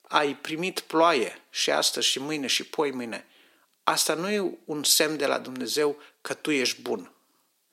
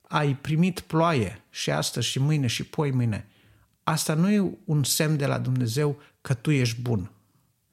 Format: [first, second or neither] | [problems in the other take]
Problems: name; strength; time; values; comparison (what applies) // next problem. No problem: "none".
second | thin; very; fading below 300 Hz